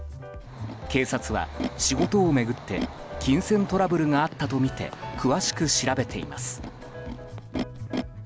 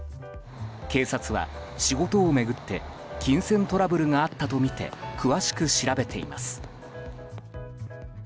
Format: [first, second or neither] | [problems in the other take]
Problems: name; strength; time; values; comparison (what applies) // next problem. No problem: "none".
second | background sound (Animal); 12 dB below the speech